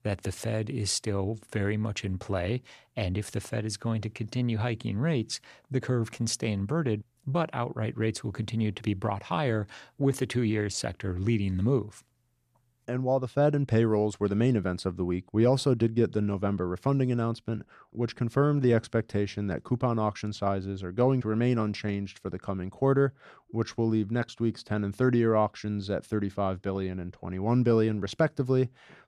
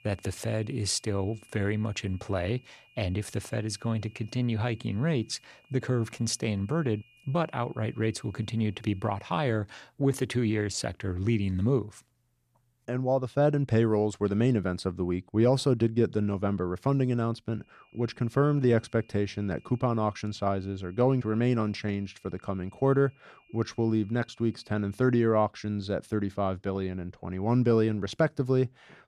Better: first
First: none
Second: high-pitched whine; faint; until 9.5 s and from 18 to 25 s; 2.5 kHz, 30 dB below the speech

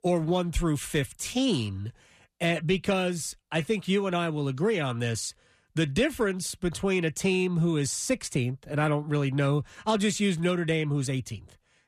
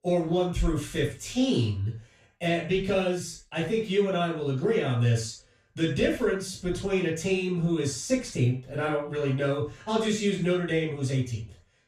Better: first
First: none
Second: room echo; noticeable; dies away in 0.3 s // off-mic speech; far

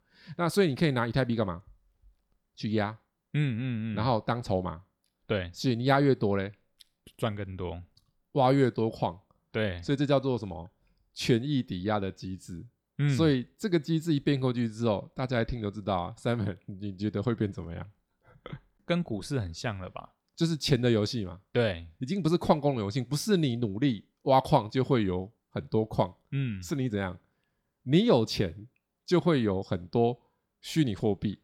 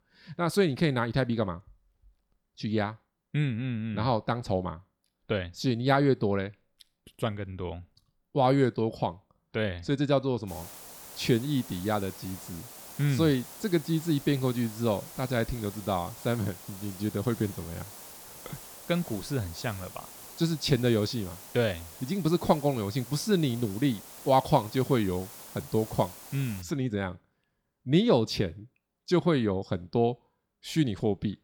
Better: first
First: none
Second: hiss; noticeable; from 10 to 27 s; 15 dB below the speech

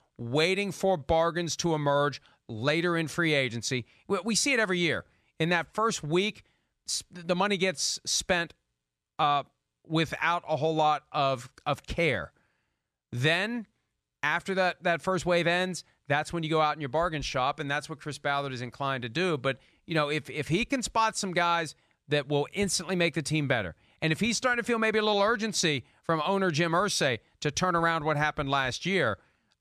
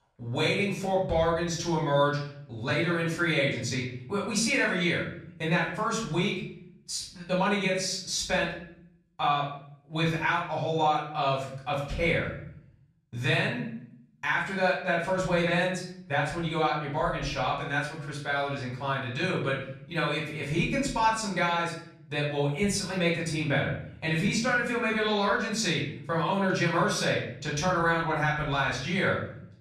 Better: first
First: none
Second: off-mic speech; far // room echo; noticeable; dies away in 0.6 s

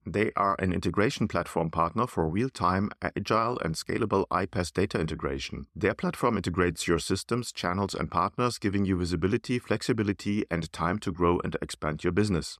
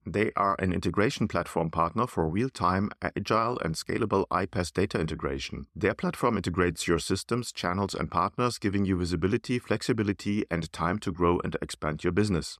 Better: neither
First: none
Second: none

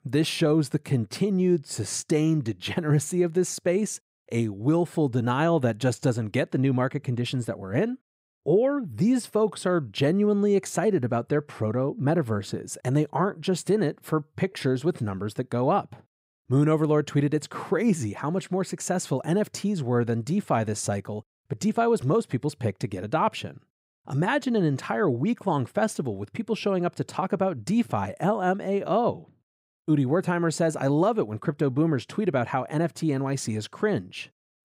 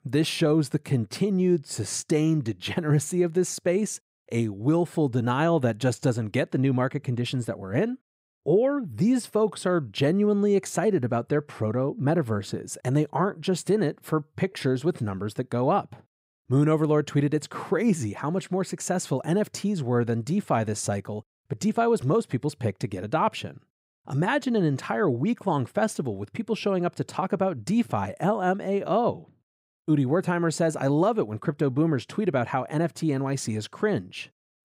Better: neither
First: none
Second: none

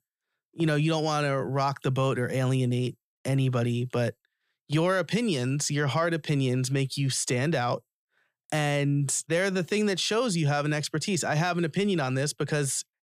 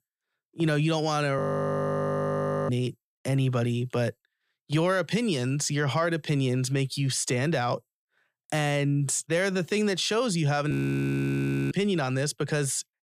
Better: first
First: none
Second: audio freezing; at 1.5 s for 1.5 s and at 11 s for 1 s

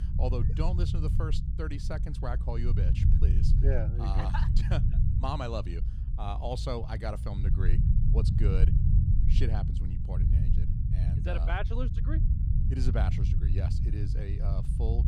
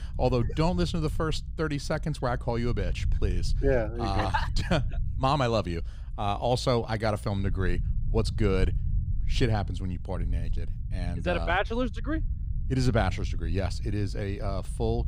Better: second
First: low rumble; loud; throughout; 5 dB below the speech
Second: low rumble; faint; throughout; 20 dB below the speech

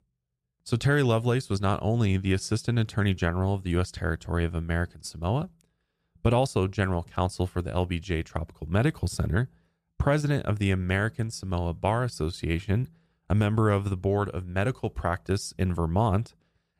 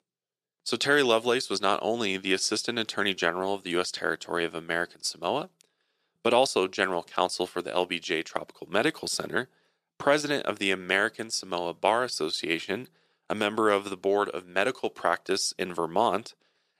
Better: first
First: none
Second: thin; very; fading below 300 Hz

